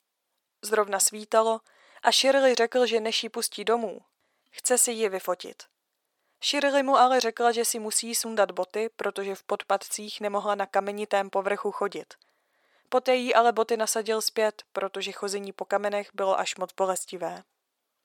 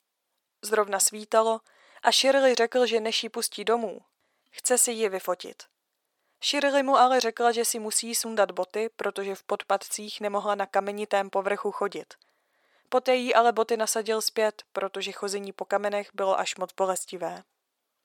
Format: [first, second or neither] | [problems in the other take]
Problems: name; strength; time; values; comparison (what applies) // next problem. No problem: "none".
neither | thin; very; fading below 700 Hz; the same in both